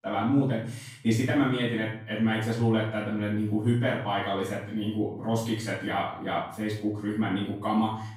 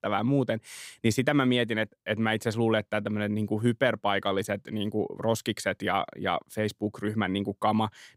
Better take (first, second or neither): second